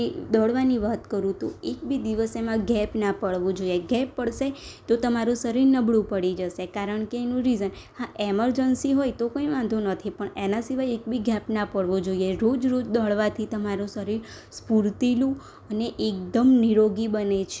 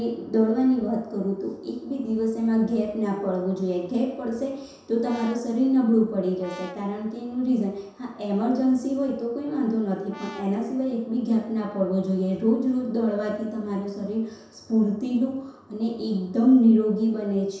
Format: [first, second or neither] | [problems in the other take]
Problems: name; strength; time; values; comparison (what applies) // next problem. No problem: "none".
first | background sound (Brass instrument); 20 dB below the speech // room echo; dies away in 0.7 s